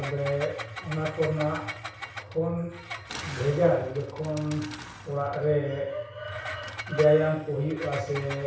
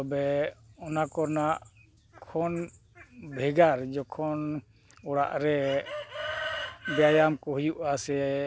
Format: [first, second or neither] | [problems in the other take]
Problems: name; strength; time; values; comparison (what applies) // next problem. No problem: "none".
second | background sound (Engine); 13 dB below the speech // room echo; dies away in 0.6 s